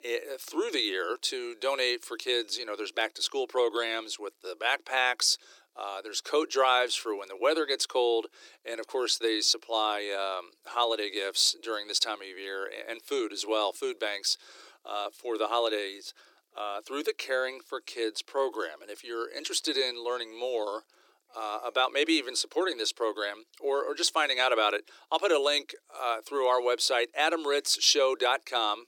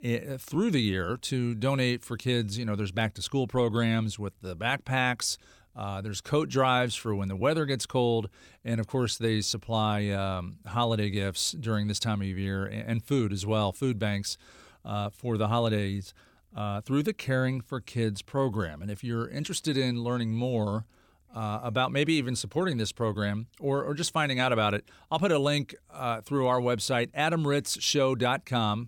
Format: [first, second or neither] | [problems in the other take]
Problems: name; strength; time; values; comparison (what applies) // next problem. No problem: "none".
second | thin; very; fading below 300 Hz